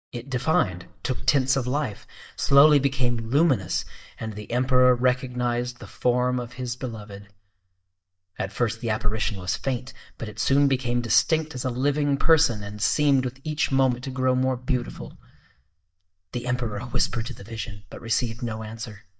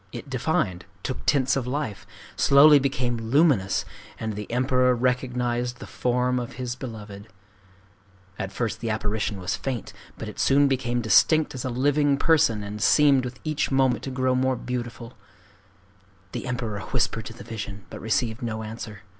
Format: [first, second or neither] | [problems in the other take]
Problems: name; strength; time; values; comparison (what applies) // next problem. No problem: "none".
second | noise reduction (neural mask model DeepFilterNet 3)